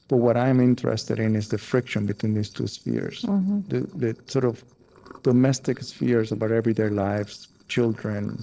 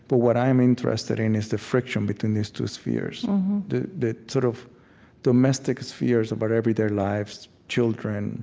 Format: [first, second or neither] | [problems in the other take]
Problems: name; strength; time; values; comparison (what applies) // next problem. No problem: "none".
second | noise reduction (neural separator model SepFormer DNS4)